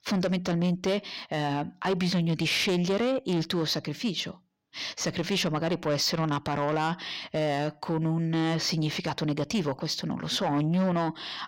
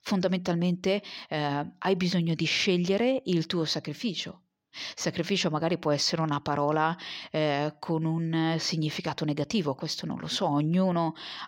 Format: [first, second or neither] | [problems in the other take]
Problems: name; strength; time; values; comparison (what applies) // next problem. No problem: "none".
second | distortion; slight; 10 dB below the speech